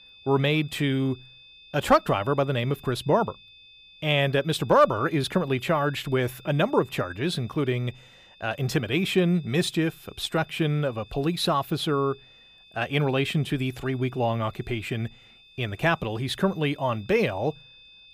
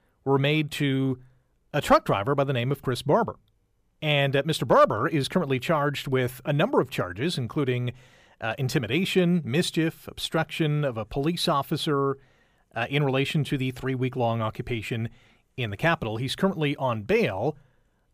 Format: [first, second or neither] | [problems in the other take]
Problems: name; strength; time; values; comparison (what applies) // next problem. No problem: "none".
second | high-pitched whine; faint; throughout; 3.5 kHz, 25 dB below the speech